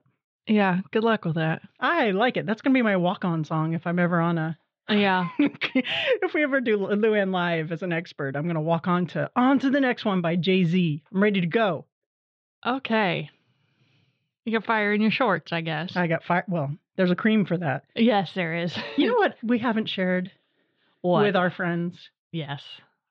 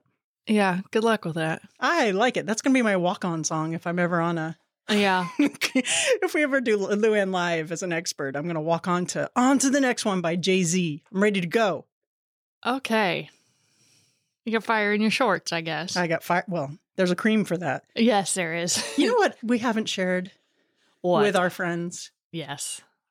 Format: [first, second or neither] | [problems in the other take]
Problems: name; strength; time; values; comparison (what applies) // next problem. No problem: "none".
second | muffled; very; fading above 3.5 kHz